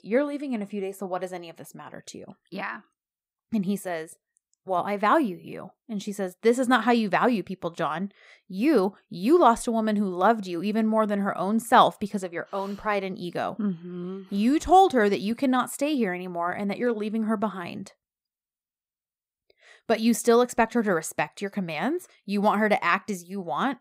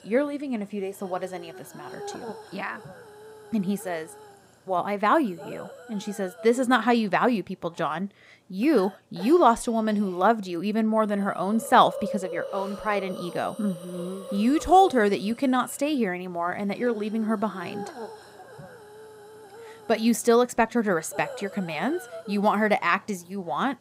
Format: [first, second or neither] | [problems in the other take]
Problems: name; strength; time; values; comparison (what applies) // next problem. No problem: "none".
first | hiss; noticeable; throughout; 15 dB below the speech